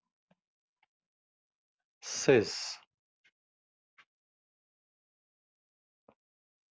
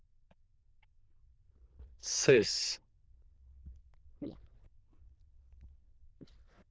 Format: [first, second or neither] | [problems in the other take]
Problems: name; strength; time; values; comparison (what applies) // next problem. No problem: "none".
first | noise reduction (neural diffusion model UNIVERSE++)